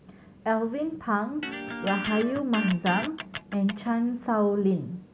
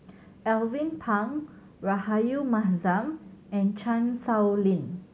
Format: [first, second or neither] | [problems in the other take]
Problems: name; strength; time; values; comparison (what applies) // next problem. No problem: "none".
second | background sound (Electric guitar); 8 dB below the speech